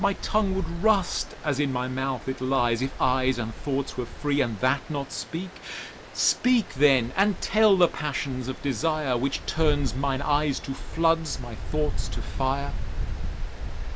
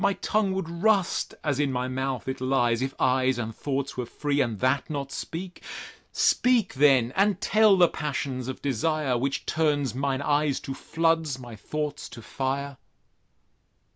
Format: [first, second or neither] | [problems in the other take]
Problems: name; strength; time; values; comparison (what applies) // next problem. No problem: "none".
second | background sound (Stream); 6 dB below the speech